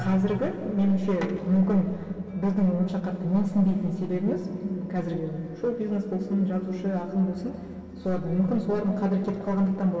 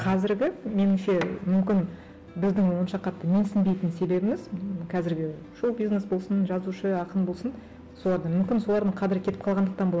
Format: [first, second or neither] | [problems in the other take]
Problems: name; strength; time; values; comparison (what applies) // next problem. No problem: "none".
second | room echo; dies away in 2.4 s